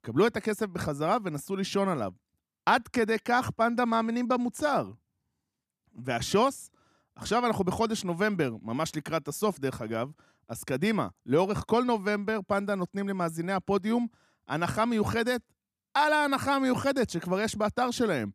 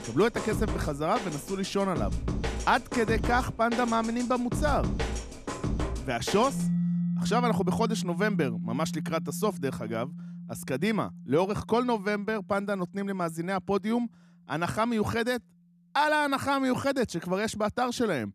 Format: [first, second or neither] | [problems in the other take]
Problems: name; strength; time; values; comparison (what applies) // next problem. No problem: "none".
first | background music; loud; throughout; 5 dB below the speech